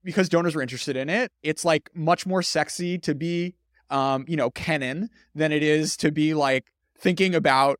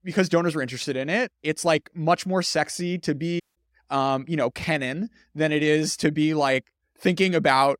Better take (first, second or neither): first